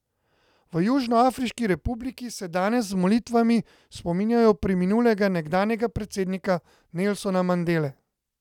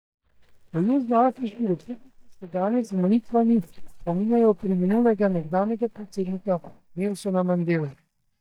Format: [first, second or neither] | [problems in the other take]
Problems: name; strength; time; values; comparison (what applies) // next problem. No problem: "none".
first | noise reduction (neural mask model DeepFilterNet 3)